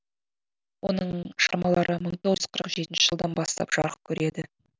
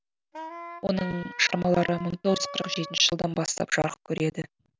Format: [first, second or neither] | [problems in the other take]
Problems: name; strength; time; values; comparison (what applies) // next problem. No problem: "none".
first | background sound (Wind instrument, woodwind instrument); 13 dB below the speech